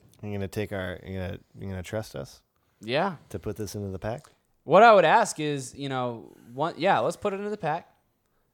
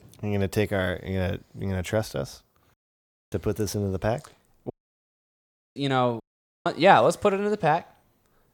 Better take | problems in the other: first | audio cutting out; at 2.5 s for 0.5 s, at 4.5 s for 1 s and at 6 s

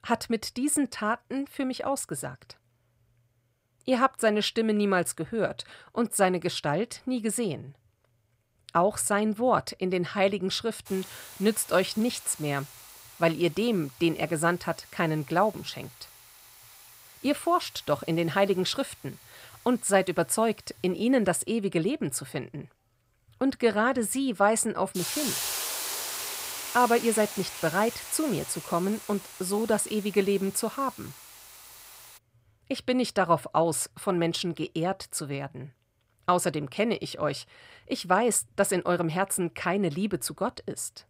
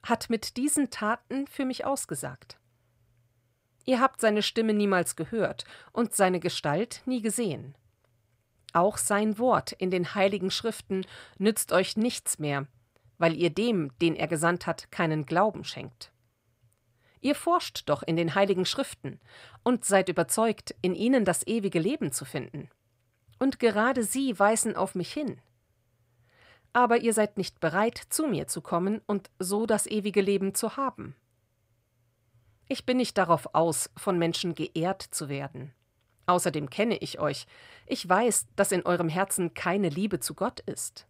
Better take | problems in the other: second | hiss; loud; from 11 to 32 s; 10 dB below the speech

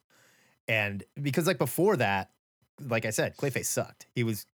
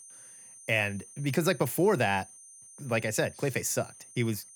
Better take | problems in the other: first | high-pitched whine; noticeable; throughout; 9 kHz, 20 dB below the speech

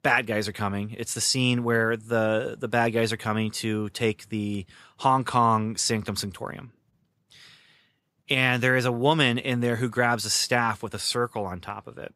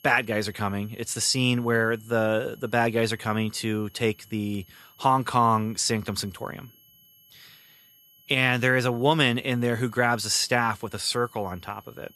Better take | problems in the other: first | high-pitched whine; faint; throughout; 3 kHz, 30 dB below the speech

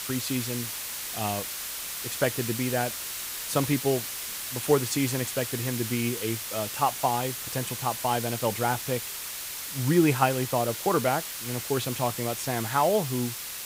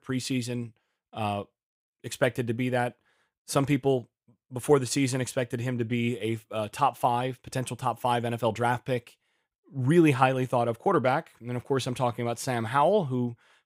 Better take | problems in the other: second | hiss; loud; throughout; 4 dB below the speech

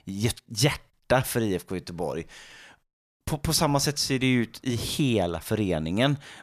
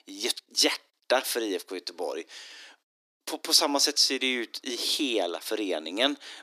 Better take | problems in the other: first | thin; somewhat; fading below 300 Hz

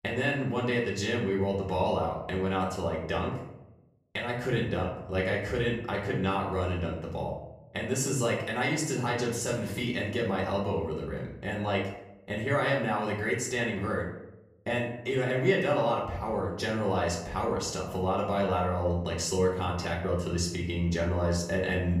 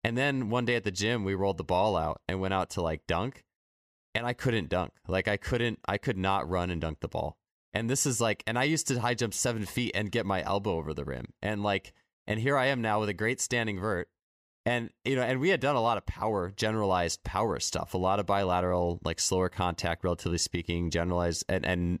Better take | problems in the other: second | off-mic speech; far // room echo; noticeable; dies away in 0.7 s

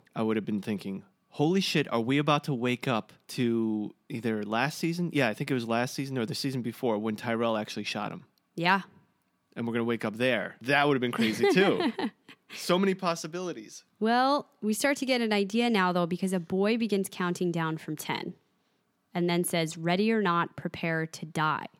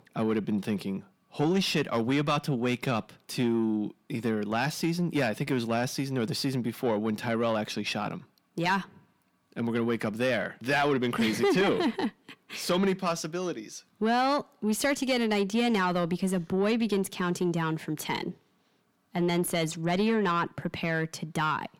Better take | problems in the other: first | distortion; slight; 10 dB below the speech

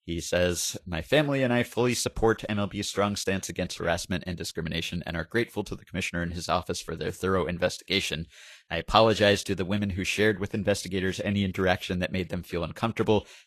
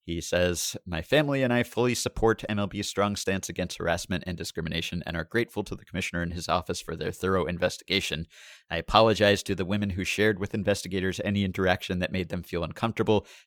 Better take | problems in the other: second | garbled, watery; slightly; nothing above 13 kHz

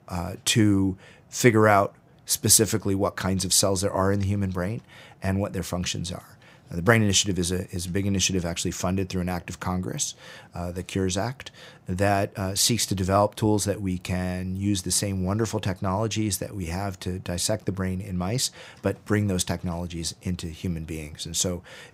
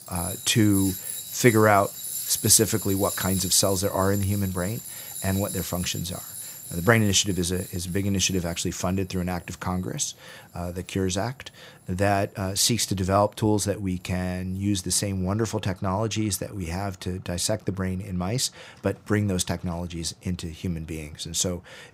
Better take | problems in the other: first | machinery noise; loud; throughout; 8 dB below the speech

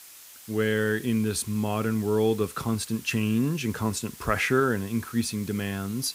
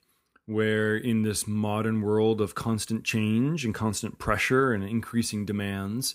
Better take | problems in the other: second | hiss; noticeable; throughout; 15 dB below the speech

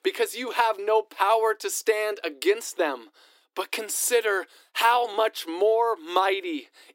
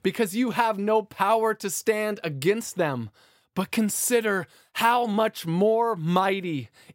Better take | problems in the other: second | thin; very; fading below 300 Hz

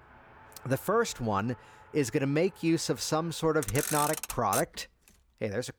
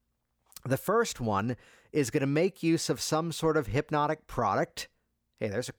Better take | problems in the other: second | traffic noise; loud; throughout; 4 dB below the speech

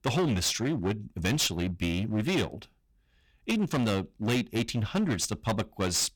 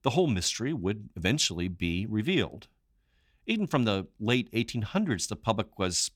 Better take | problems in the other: second | distortion; heavy; 14% of the sound clipped

